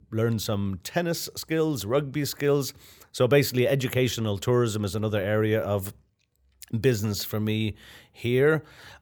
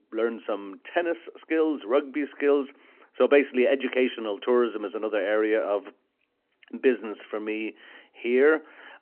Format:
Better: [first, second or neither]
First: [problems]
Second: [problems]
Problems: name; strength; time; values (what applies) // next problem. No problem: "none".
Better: first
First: none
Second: phone-call audio